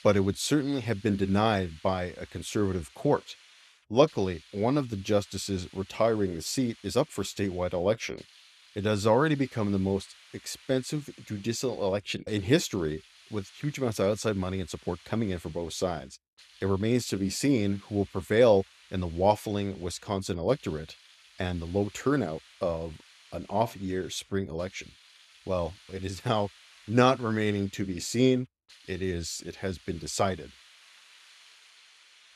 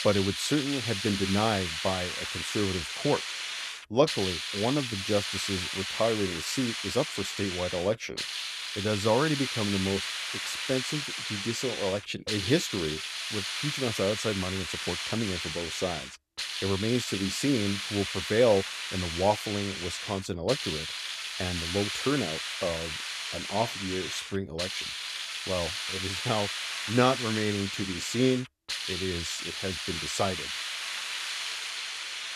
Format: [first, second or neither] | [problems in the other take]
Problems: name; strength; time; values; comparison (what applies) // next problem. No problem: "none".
first | hiss; loud; throughout; 2 dB below the speech; faint in the first